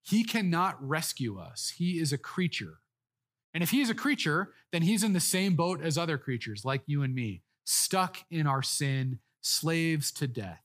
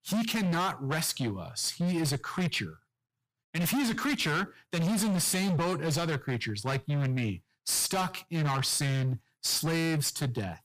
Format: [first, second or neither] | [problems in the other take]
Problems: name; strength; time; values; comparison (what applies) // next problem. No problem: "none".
first | distortion; heavy; 23% of the sound clipped